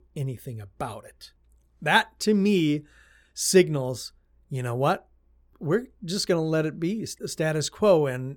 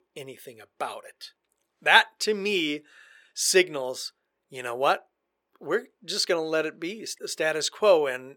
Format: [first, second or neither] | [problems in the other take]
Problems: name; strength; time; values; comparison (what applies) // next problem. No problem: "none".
first | thin; very; fading below 500 Hz